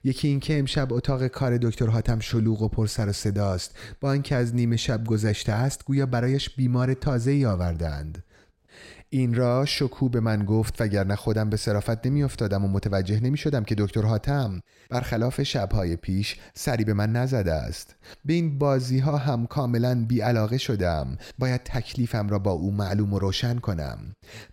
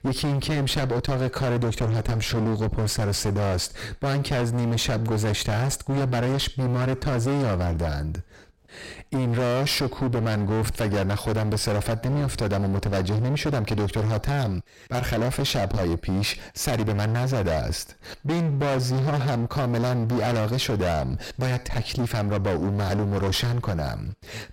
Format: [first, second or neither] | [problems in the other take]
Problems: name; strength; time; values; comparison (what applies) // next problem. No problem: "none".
first | distortion; heavy; 37% of the sound clipped